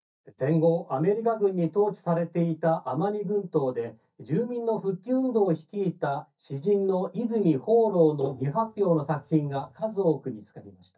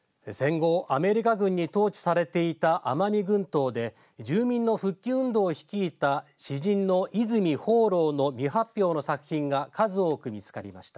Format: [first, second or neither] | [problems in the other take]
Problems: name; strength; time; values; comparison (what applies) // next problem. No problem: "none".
second | noise reduction (neural mask model DeepFilterNet 3)